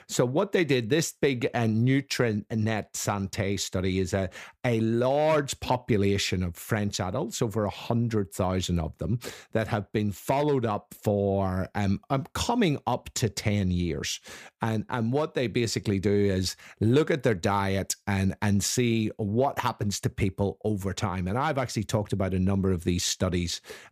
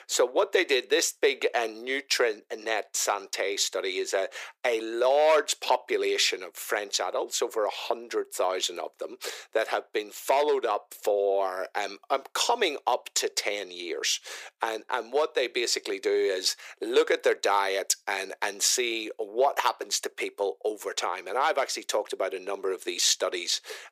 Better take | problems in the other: first | thin; very; fading below 400 Hz

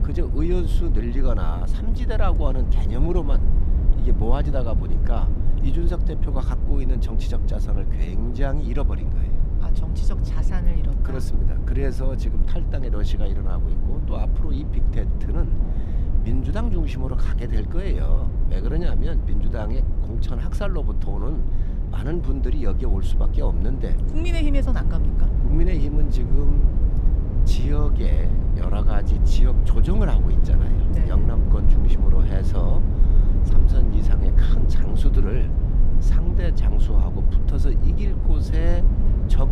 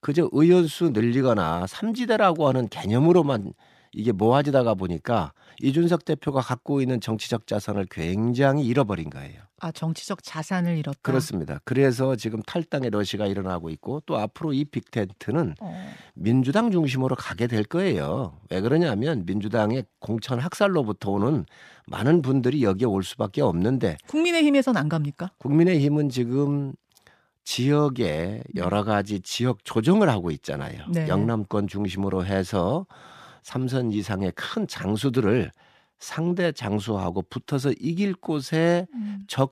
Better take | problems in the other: second | low rumble; loud; throughout; 4 dB below the speech

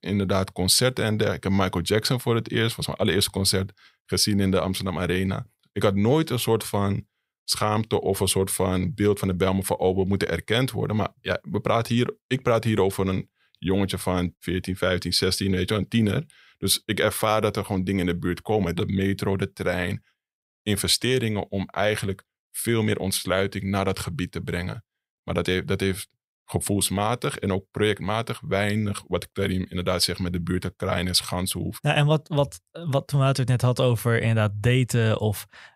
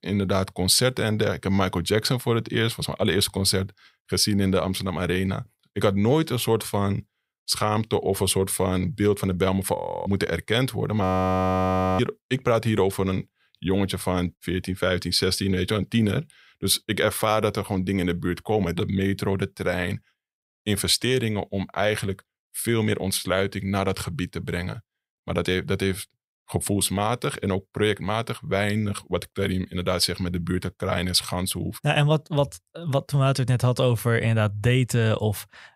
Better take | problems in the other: first | audio freezing; at 10 s and at 11 s for 1 s

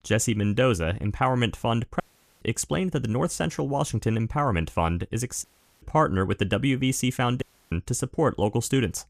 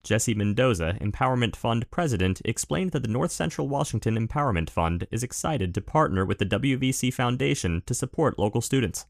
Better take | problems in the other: second | audio cutting out; at 2 s, at 5.5 s and at 7.5 s

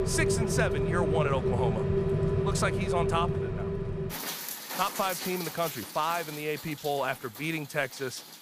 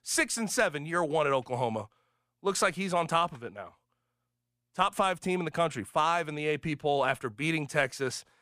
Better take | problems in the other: second | rain or running water; very loud; throughout; 1 dB above the speech

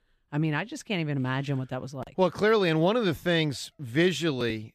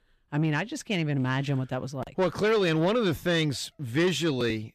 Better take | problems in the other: first | distortion; slight; 10 dB below the speech

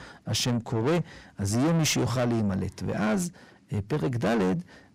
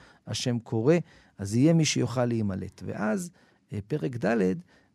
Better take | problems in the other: second | distortion; heavy; 6 dB below the speech

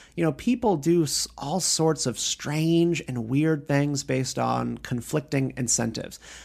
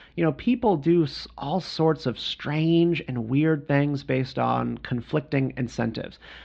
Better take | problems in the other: first | muffled; slightly; fading above 4 kHz

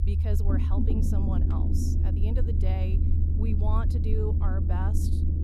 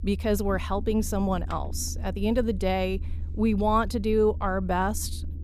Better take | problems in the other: second | low rumble; loud; throughout; 1 dB below the speech; faint in the second

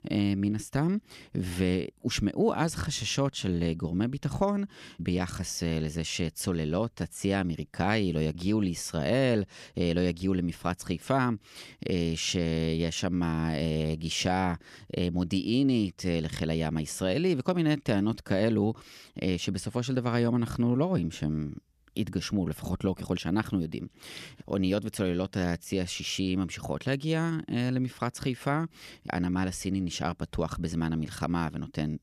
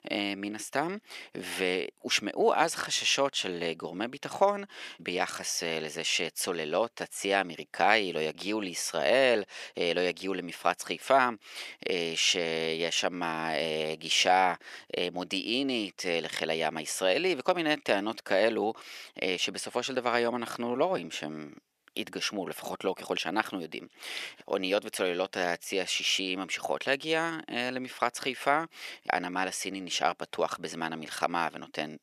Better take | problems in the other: first | thin; very; fading below 500 Hz

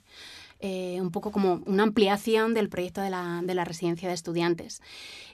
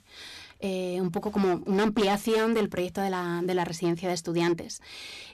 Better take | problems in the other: first | distortion; slight; 7% of the sound clipped

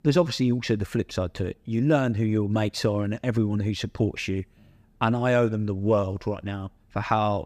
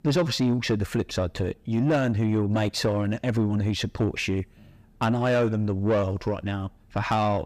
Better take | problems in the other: first | distortion; slight; 10 dB below the speech

